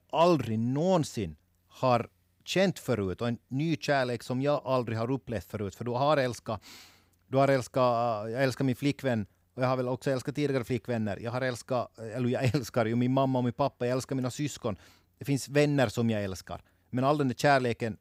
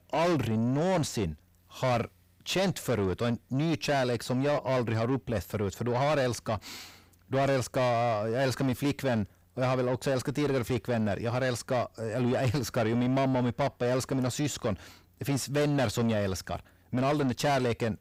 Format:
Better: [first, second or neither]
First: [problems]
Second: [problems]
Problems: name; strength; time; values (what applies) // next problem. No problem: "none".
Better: first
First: none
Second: distortion; heavy; 7 dB below the speech